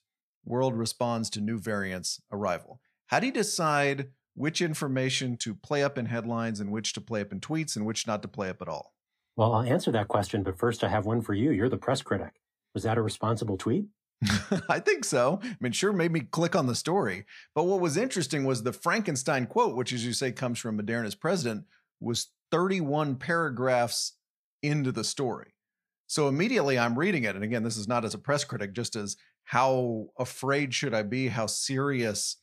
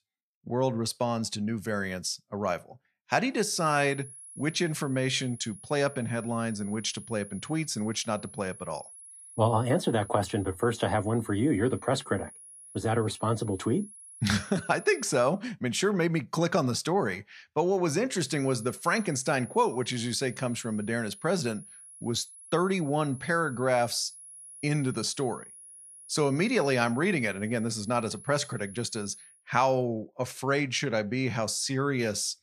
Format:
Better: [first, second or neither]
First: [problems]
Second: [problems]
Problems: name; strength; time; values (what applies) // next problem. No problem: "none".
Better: first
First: none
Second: high-pitched whine; noticeable; from 3.5 to 15 s and from 18 to 29 s; 10.5 kHz, 15 dB below the speech